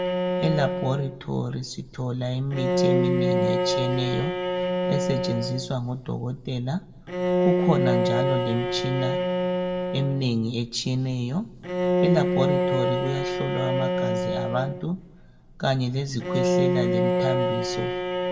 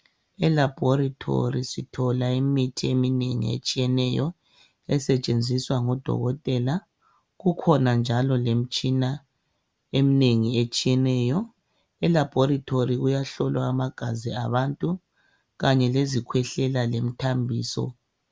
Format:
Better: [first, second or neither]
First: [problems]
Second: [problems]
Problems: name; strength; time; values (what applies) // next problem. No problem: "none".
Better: second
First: background sound (Bowed string instrument); 2 dB above the speech // room echo; dies away in 1.4 s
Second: none